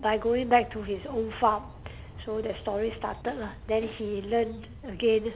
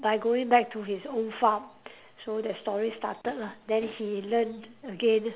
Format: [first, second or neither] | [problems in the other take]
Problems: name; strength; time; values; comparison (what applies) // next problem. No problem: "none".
second | background sound (Aircraft); 16 dB below the speech